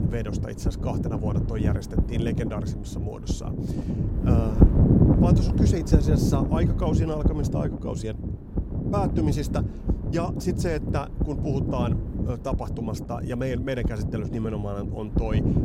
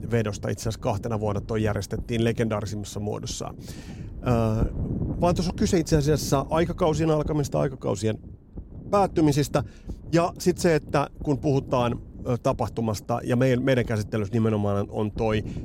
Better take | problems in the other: second | wind noise on the microphone; heavy; 1 dB below the speech; occasional gusts in the second

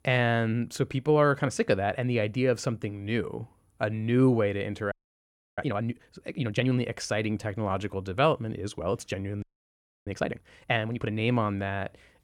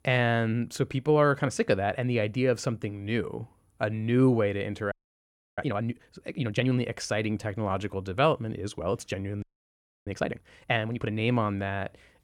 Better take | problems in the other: neither | audio freezing; at 5 s for 0.5 s and at 9.5 s for 0.5 s; the same in both

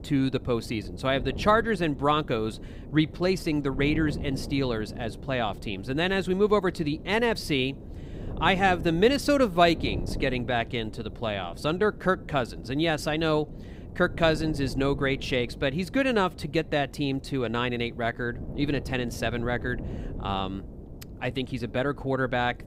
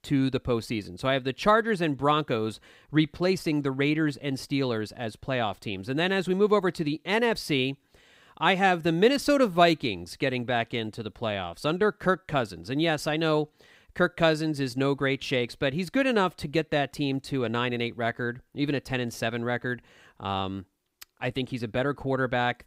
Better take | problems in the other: second | wind noise on the microphone; occasional gusts; 20 dB below the speech

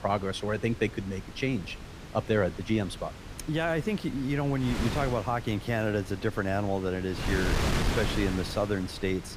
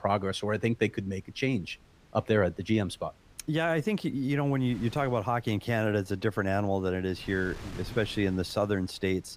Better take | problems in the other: second | wind noise on the microphone; heavy; 7 dB below the speech; occasional gusts in the second

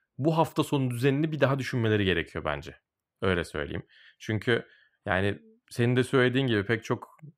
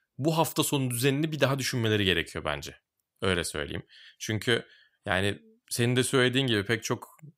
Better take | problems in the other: second | muffled; slightly; fading above 3 kHz

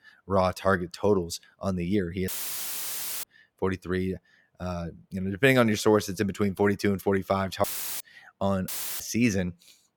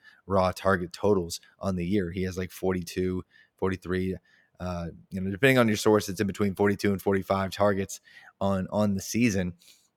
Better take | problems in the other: second | audio cutting out; filled with static; at 2.5 s for 1 s, at 7.5 s and at 8.5 s

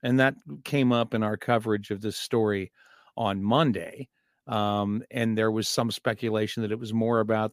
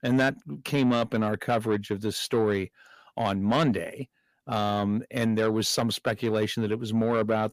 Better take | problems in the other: first | distortion; slight; 10 dB below the speech

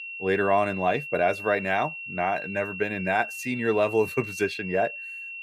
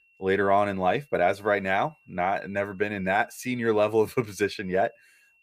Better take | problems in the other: second | high-pitched whine; loud; throughout; 2.5 kHz, 8 dB below the speech; faint in the second

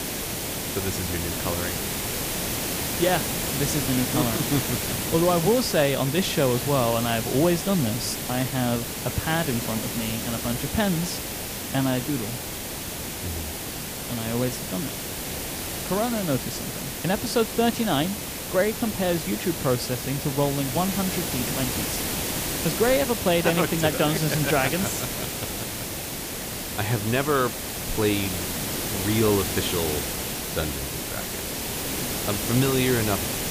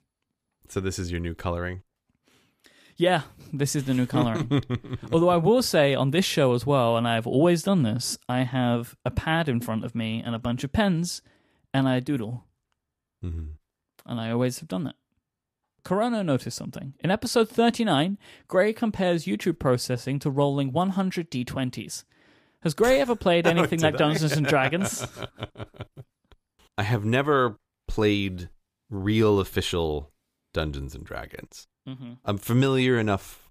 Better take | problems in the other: second | hiss; loud; throughout; 2 dB below the speech

